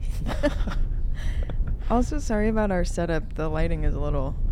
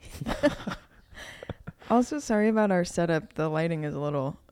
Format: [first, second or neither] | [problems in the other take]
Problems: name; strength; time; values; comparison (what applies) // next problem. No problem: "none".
second | low rumble; faint; throughout; 20 dB below the speech